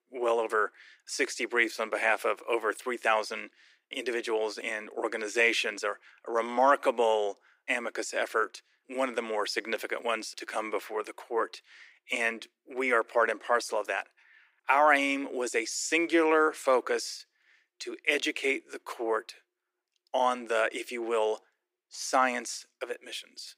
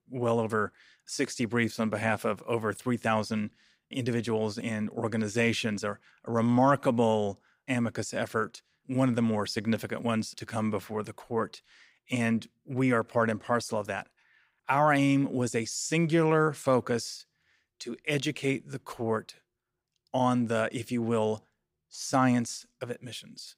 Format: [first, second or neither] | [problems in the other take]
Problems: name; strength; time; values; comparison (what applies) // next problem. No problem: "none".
second | thin; very; fading below 350 Hz